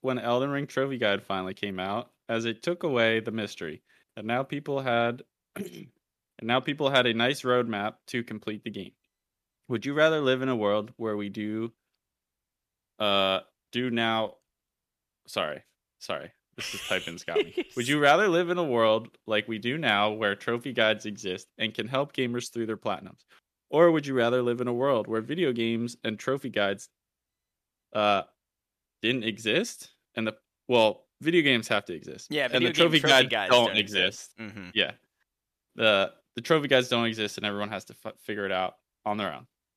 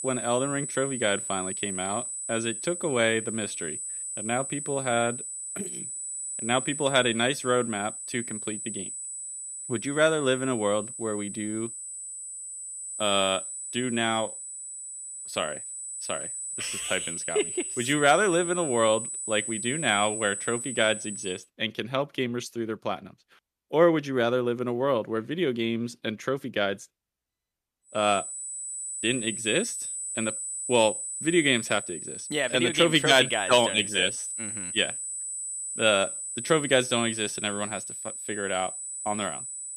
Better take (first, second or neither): first